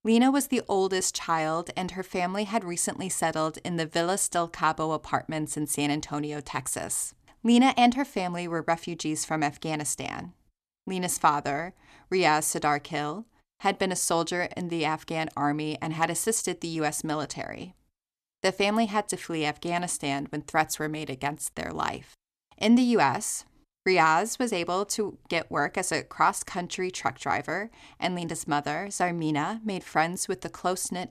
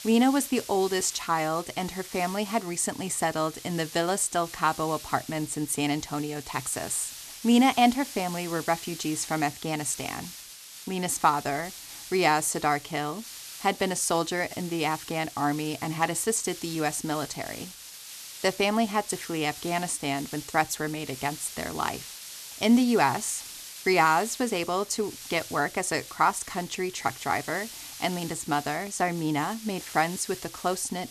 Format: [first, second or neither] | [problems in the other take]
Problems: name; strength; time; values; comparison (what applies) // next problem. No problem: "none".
first | hiss; noticeable; throughout; 15 dB below the speech